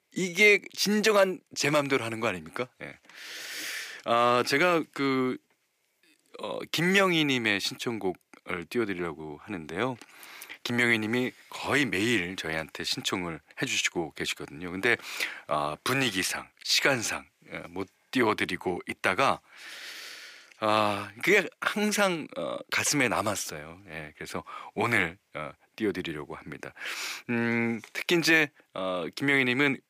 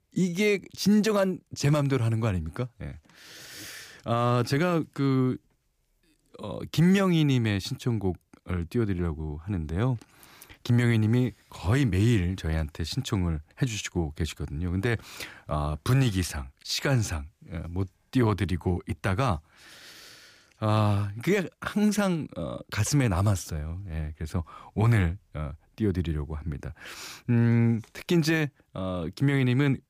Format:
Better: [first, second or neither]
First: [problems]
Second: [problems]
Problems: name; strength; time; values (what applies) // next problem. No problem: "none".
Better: second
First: thin; somewhat; fading below 350 Hz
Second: none